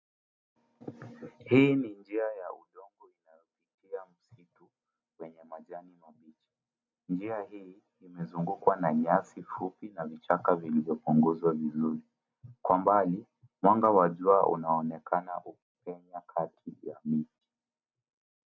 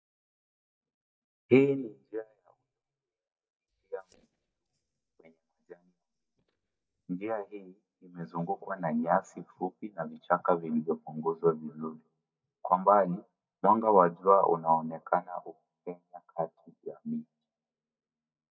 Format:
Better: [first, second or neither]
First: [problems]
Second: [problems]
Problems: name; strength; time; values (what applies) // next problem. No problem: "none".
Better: first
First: none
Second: noise reduction (neural mask model DeepFilterNet 3)